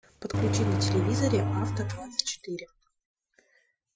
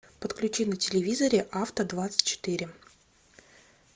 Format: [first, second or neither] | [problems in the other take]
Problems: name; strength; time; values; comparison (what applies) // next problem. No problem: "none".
second | noise reduction (classical method Wiener filter)